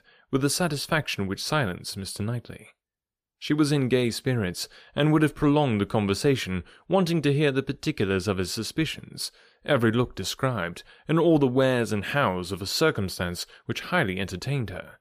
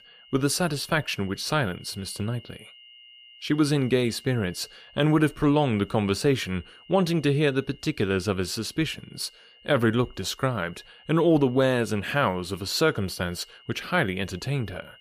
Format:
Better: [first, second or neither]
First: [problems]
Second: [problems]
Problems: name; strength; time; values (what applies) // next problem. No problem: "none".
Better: first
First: none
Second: high-pitched whine; faint; throughout; 3 kHz, 25 dB below the speech